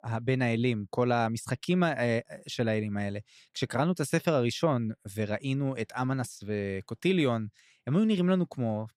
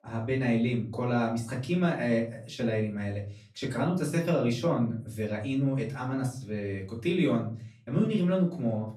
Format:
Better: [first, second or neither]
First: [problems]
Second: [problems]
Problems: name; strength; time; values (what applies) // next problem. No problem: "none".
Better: first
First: none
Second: off-mic speech; far // room echo; slight; dies away in 0.5 s